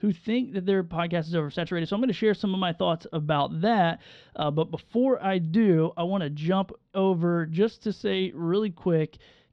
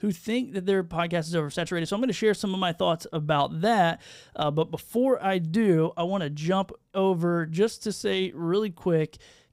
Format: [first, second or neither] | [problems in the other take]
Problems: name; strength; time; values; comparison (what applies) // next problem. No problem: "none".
second | muffled; very slightly; fading above 4 kHz